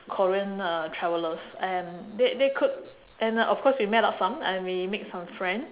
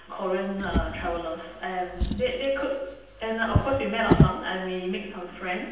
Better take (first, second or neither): first